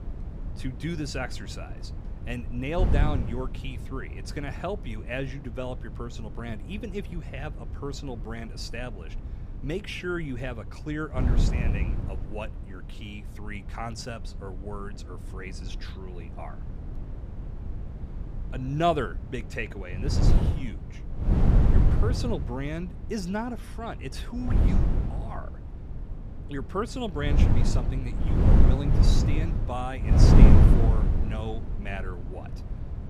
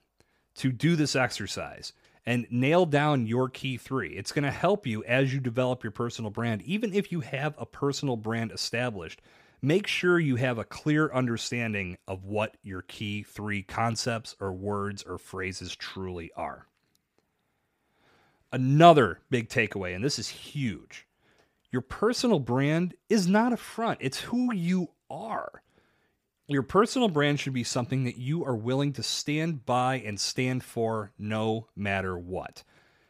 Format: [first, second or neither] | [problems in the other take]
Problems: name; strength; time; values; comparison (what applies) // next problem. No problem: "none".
second | wind noise on the microphone; heavy; 1 dB below the speech